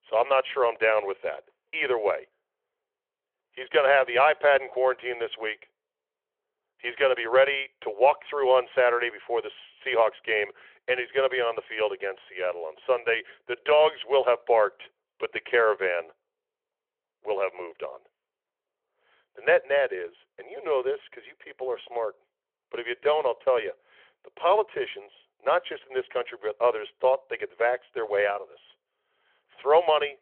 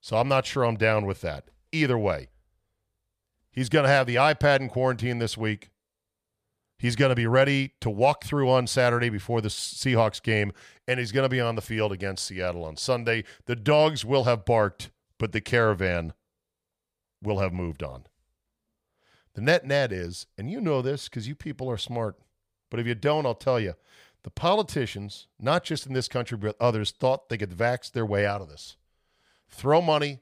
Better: second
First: phone-call audio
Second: none

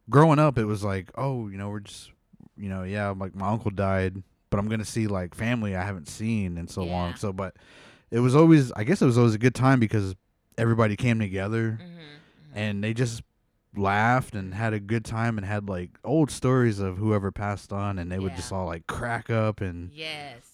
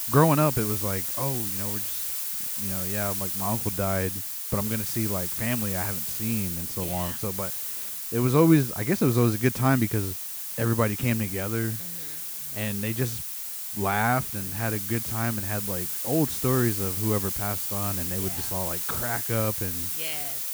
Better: first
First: none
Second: hiss; loud; throughout; 1 dB below the speech

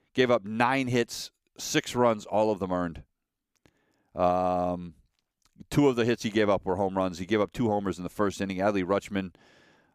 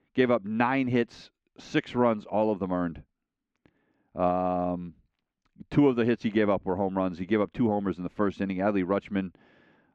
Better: first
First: none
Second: muffled; slightly; fading above 2.5 kHz

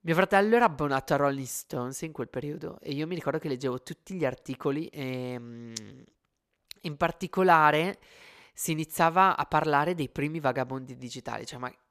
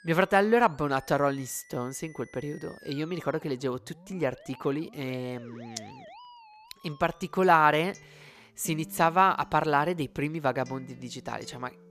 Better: first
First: none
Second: background music; faint; throughout; 25 dB below the speech

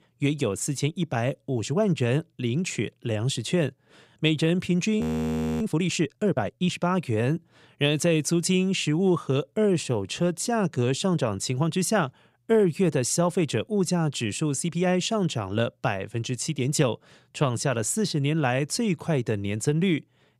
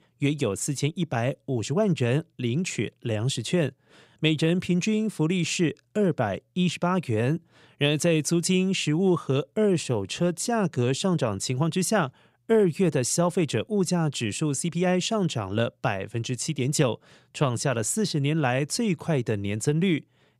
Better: second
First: audio freezing; at 5 s for 0.5 s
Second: none

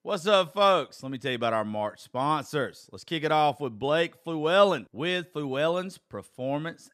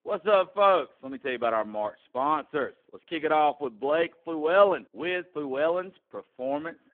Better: first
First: none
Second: phone-call audio; poor line; nothing above 3.5 kHz

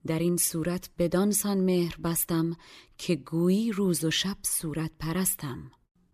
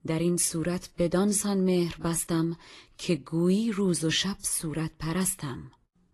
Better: first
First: none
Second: garbled, watery; slightly; nothing above 11.5 kHz

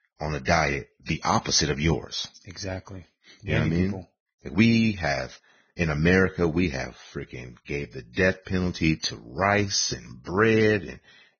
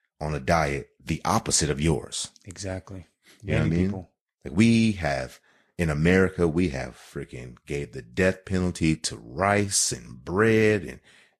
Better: second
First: garbled, watery; badly; nothing above 6.5 kHz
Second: garbled, watery; slightly

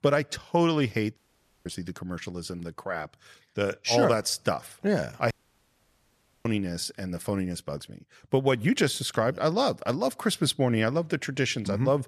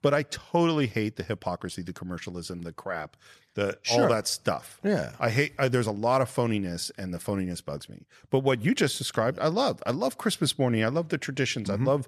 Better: second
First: audio cutting out; at 1 s and at 5.5 s for 1 s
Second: none

